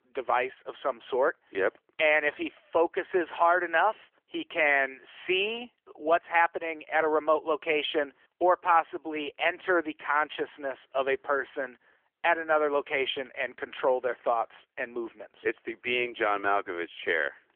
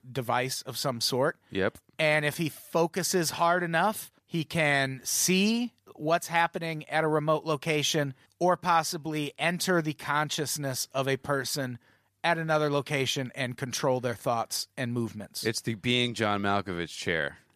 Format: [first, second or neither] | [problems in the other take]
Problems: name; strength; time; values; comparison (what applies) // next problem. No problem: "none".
second | phone-call audio; nothing above 3.5 kHz